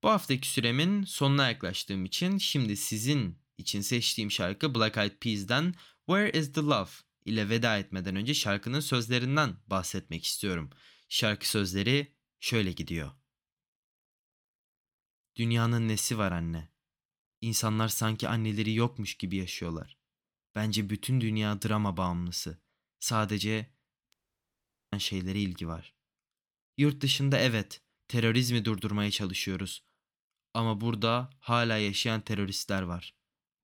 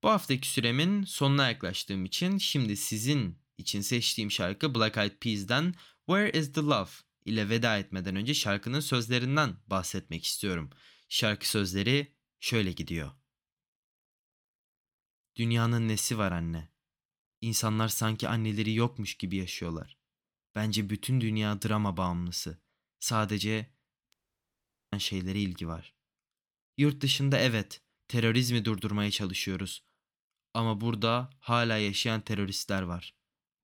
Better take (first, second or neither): neither